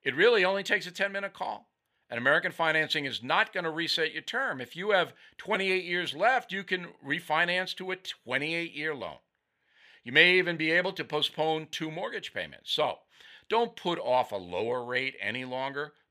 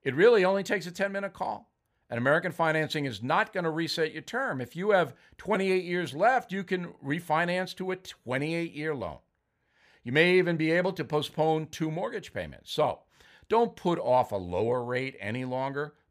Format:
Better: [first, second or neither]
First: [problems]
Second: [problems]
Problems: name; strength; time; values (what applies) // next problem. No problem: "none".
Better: second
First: thin; very slightly; fading below 550 Hz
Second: none